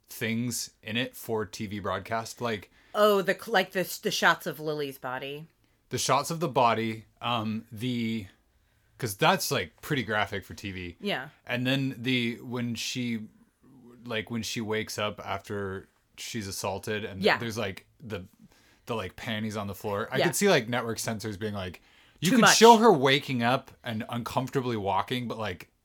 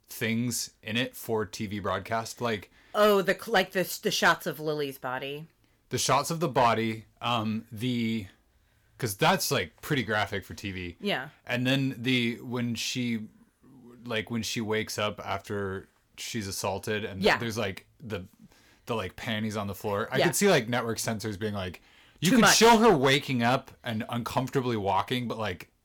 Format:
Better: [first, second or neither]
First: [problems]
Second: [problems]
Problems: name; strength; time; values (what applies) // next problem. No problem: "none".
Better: first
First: none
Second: distortion; slight; 1.4% of the sound clipped